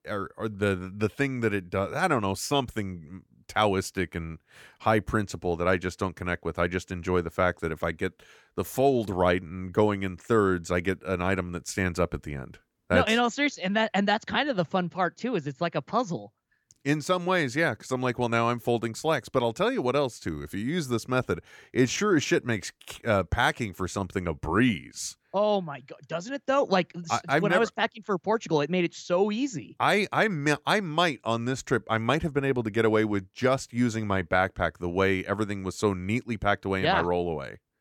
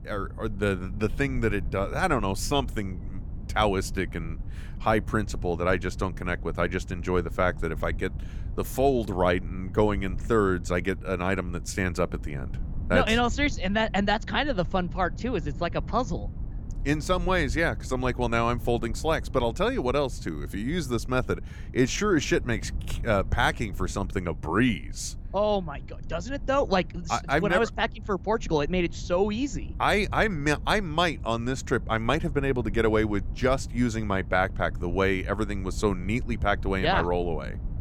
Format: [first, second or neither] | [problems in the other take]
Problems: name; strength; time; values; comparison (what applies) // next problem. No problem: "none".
first | low rumble; faint; throughout; 25 dB below the speech